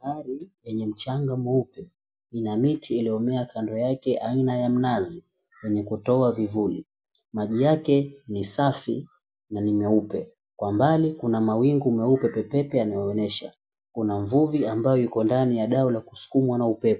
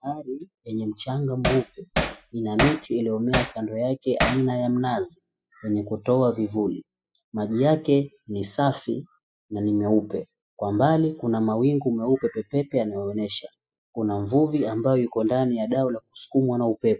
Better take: first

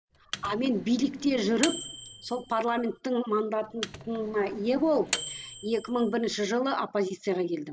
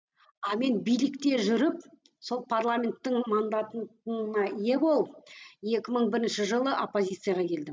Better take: second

